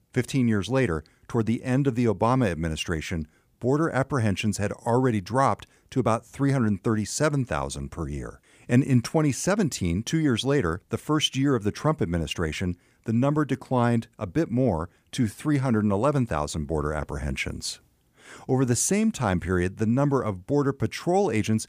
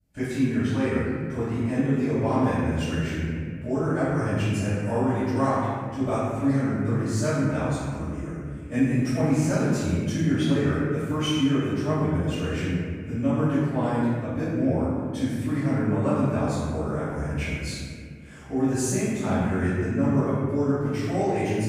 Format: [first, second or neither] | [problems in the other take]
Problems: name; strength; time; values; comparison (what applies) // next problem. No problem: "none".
first | off-mic speech; far // room echo; strong; dies away in 2.1 s